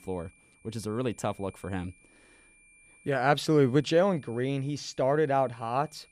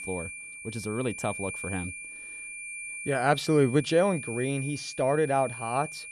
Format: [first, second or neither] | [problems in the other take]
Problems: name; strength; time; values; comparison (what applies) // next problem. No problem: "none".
first | high-pitched whine; loud; throughout; 2.5 kHz, 9 dB below the speech; faint in the first